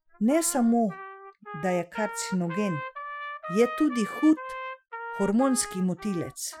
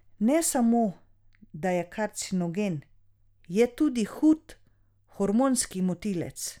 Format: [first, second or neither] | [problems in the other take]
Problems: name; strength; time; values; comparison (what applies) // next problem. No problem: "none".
second | noise reduction (classical method Wiener filter)